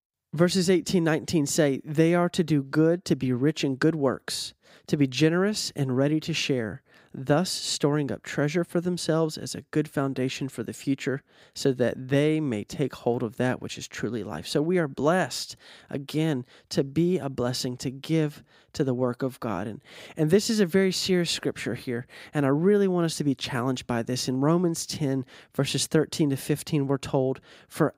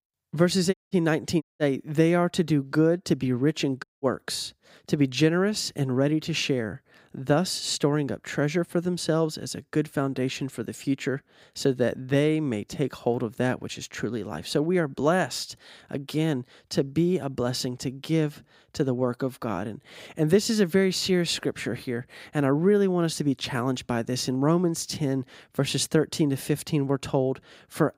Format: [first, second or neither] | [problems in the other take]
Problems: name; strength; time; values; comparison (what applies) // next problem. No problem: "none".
first | audio cutting out; at 0.5 s, at 1.5 s and at 4 s